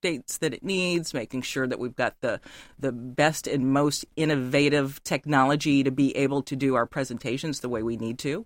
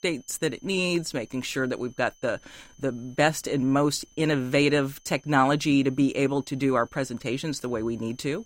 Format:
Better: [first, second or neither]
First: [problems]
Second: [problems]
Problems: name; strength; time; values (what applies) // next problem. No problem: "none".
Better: first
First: none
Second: high-pitched whine; faint; throughout; 6 kHz, 30 dB below the speech